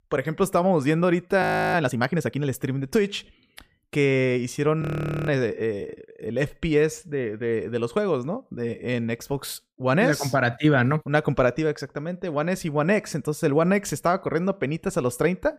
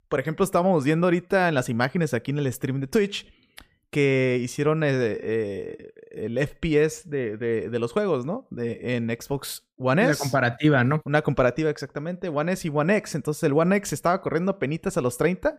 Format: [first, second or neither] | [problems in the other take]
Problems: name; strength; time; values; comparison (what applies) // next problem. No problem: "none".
second | audio freezing; at 1.5 s and at 5 s